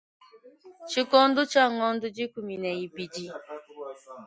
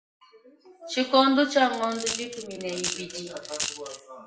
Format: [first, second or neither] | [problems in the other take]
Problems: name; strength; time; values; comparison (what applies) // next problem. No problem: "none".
first | background sound (Coin (dropping)); 8 dB below the speech // room echo; dies away in 0.6 s